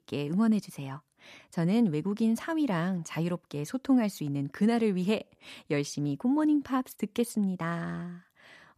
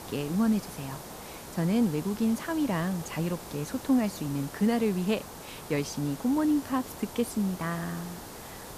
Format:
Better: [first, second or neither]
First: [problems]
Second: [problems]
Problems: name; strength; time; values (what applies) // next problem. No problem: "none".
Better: first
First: none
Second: hiss; noticeable; throughout; 15 dB below the speech